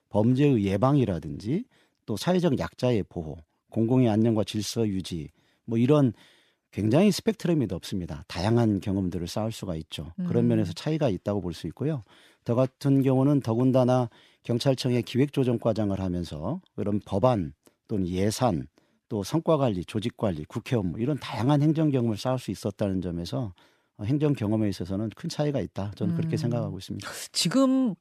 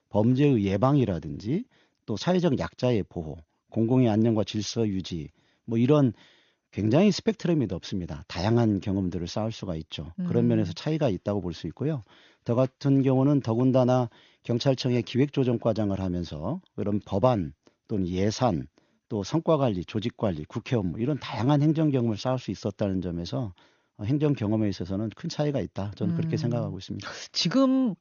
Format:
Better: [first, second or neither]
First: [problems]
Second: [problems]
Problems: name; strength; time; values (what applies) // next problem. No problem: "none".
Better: first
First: none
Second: garbled, watery; slightly; nothing above 6.5 kHz